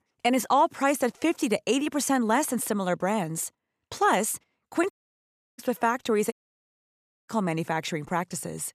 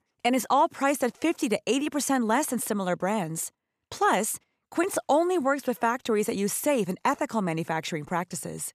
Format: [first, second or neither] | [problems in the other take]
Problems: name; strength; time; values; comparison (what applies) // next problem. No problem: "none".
second | audio cutting out; at 5 s for 0.5 s and at 6.5 s for 1 s